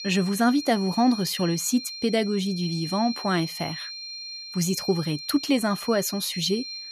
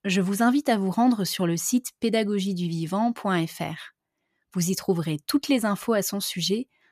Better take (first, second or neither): second